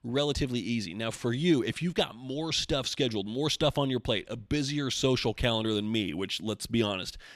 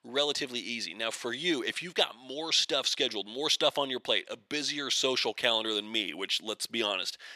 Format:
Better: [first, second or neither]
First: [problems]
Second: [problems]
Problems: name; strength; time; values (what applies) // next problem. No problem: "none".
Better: first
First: none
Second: thin; somewhat; fading below 500 Hz